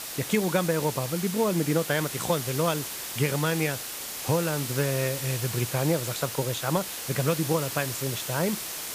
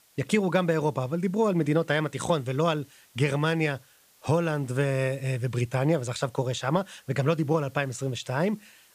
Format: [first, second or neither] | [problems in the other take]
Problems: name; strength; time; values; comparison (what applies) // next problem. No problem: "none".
second | hiss; loud; throughout; 5 dB below the speech; faint in the second